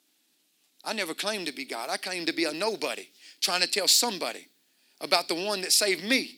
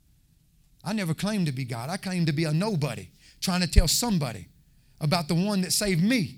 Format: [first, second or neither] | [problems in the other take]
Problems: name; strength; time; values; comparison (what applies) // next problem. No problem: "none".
second | thin; very; fading below 300 Hz